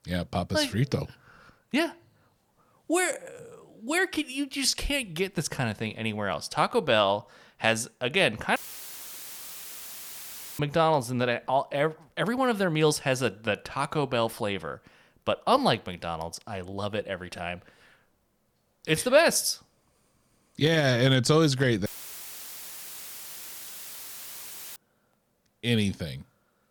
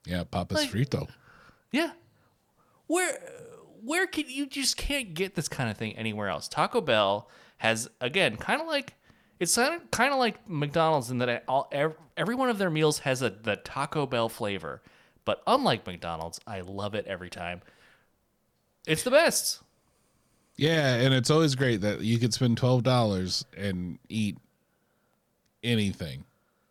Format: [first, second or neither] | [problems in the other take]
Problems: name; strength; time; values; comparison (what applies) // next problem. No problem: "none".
second | audio cutting out; filled with static; at 8.5 s for 2 s and at 22 s for 3 s